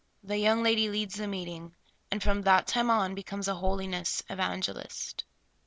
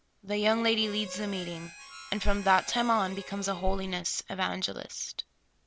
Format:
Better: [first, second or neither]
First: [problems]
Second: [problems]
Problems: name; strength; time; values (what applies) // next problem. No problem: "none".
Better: first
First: none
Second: background sound (Harmonica); 16 dB below the speech